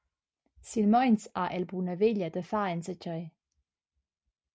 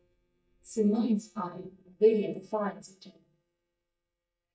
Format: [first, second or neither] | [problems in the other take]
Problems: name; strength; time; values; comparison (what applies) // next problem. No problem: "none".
first | noise reduction (neural mask model DeepFilterNet 3)